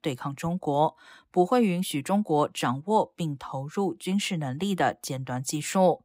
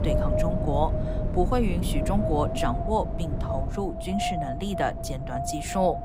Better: first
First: none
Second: wind noise on the microphone; heavy; 2 dB below the speech

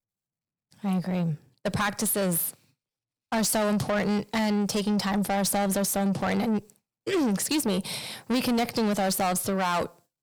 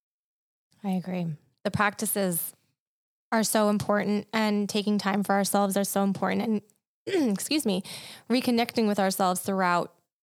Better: second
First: distortion; heavy; 7 dB below the speech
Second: none

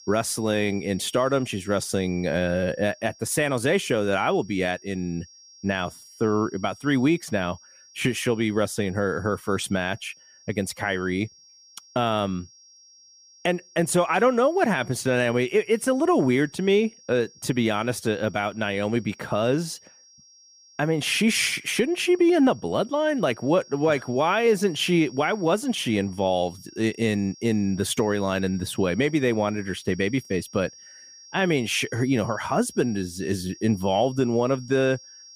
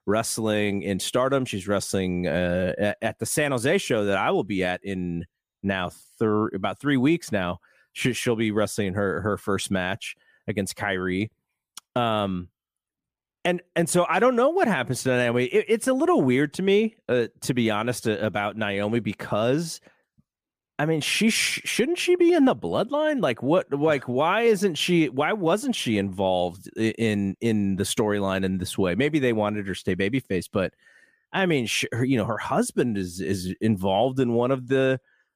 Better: second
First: high-pitched whine; faint; throughout; 5.5 kHz, 25 dB below the speech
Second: none

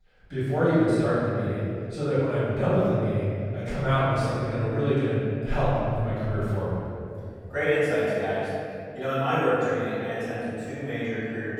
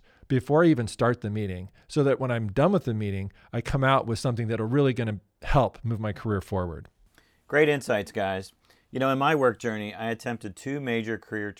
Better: second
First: off-mic speech; far // room echo; strong; dies away in 2.5 s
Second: none

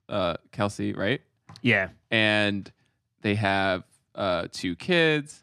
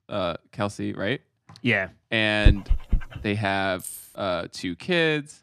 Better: first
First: none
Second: dog barking; loud; at 2.5 s; peak 3 dB above the speech // jangling keys; faint; at 4 s; peak 10 dB below the speech

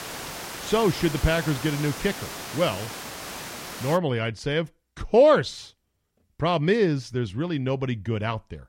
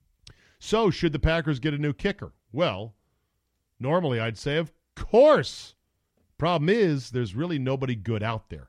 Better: second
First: hiss; noticeable; until 4 s; 10 dB below the speech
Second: none

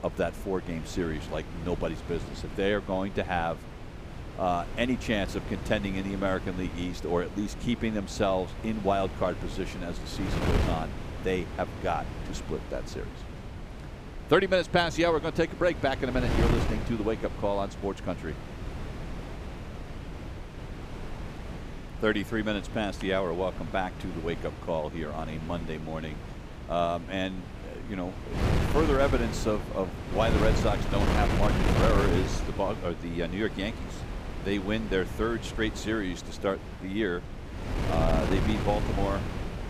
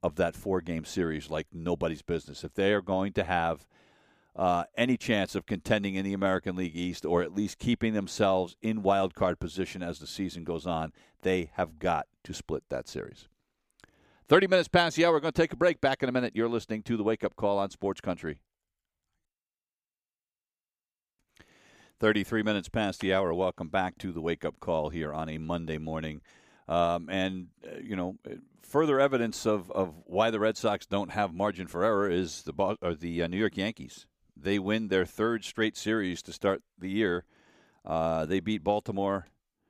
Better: second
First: wind noise on the microphone; heavy; 8 dB below the speech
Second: none

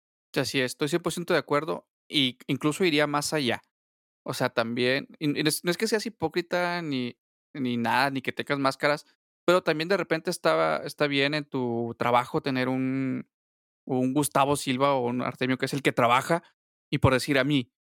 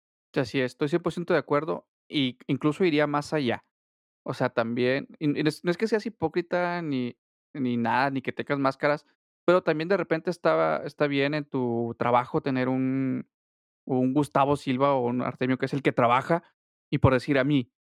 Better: first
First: none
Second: muffled; slightly; fading above 1.5 kHz

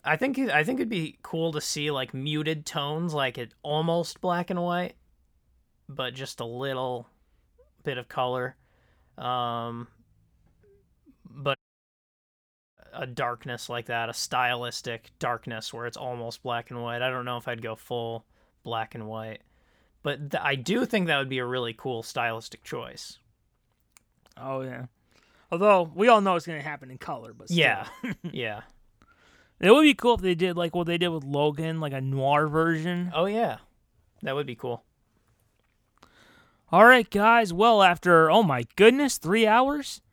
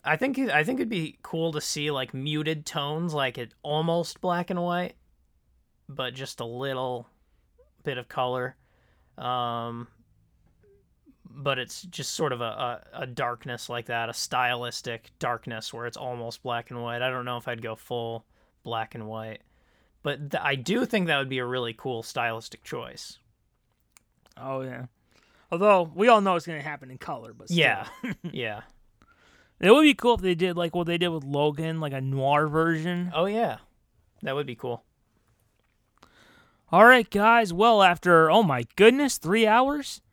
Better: second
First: audio cutting out; at 12 s for 1 s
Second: none

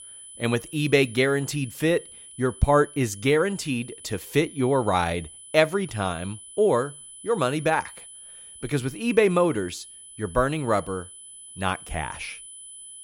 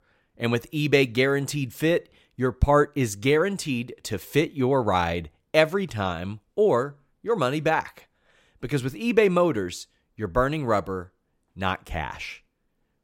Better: second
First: high-pitched whine; noticeable; throughout; 10 kHz, 15 dB below the speech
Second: none

